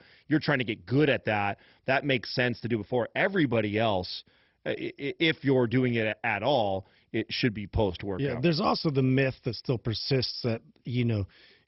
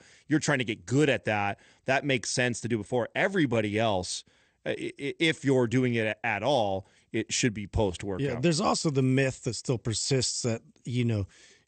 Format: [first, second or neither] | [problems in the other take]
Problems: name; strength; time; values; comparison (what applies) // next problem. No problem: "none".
second | garbled, watery; badly; nothing above 5.5 kHz; slightly in the second